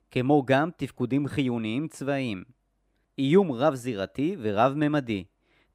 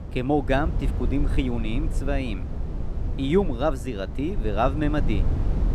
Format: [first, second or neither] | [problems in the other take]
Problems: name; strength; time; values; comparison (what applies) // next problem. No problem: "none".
first | low rumble; noticeable; throughout; 15 dB below the speech